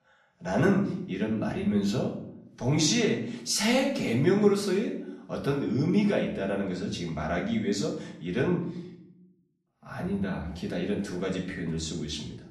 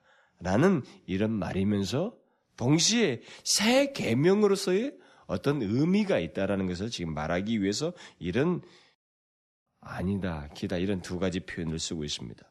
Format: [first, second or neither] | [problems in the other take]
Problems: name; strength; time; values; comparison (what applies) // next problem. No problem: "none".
second | room echo; slight; dies away in 0.6 s // off-mic speech; far